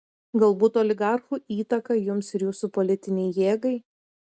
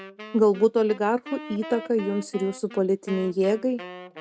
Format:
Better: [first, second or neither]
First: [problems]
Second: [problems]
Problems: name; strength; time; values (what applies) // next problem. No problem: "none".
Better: first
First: none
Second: background sound (Wind instrument, woodwind instrument); 16 dB below the speech